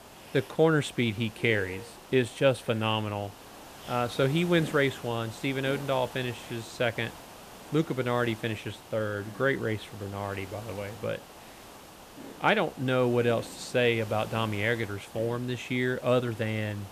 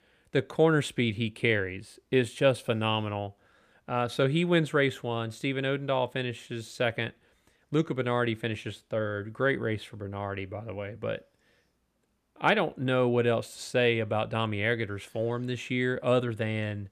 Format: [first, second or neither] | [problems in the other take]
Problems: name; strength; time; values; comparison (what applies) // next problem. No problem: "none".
second | hiss; noticeable; throughout; 15 dB below the speech